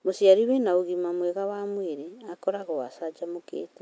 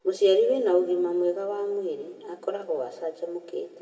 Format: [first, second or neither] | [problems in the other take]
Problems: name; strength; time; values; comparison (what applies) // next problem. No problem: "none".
first | room echo; dies away in 1.2 s